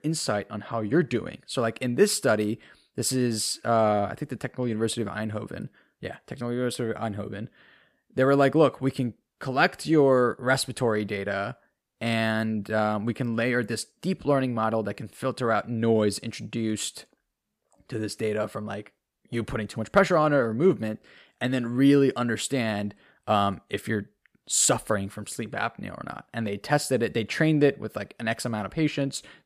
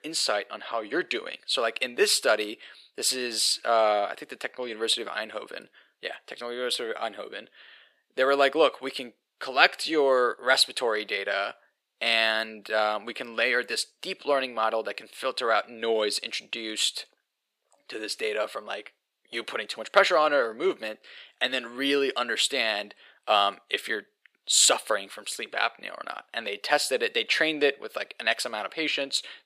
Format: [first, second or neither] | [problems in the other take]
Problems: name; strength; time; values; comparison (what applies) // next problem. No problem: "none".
first | thin; very; fading below 450 Hz